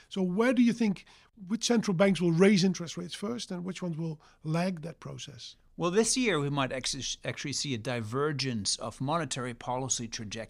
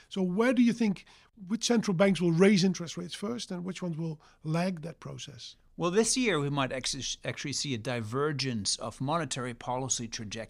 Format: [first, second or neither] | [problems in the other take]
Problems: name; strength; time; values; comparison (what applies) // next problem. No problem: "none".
neither | none